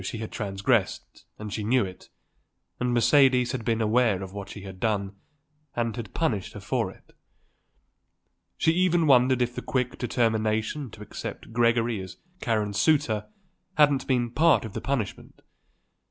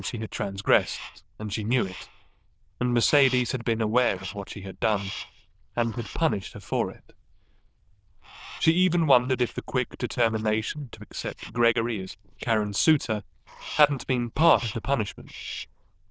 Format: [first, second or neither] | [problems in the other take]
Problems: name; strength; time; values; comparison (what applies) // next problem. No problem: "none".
first | noise reduction (neural diffusion model UNIVERSE++)